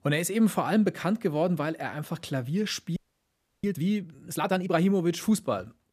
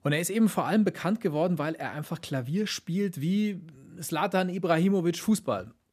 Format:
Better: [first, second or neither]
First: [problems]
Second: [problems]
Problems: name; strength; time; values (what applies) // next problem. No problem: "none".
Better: second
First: audio freezing; at 3 s for 0.5 s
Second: none